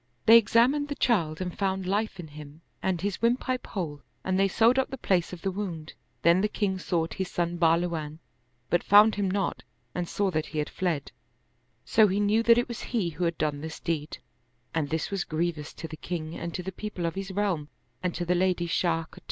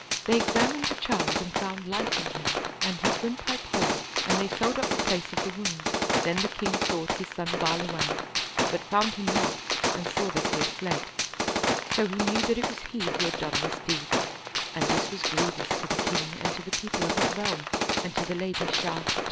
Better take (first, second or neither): first